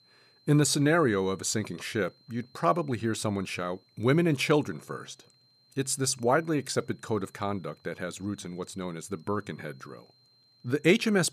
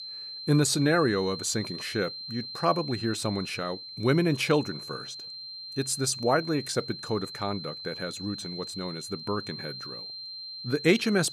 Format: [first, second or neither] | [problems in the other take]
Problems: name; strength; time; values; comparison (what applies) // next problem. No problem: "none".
first | high-pitched whine; loud; throughout; 4 kHz, 9 dB below the speech; faint in the first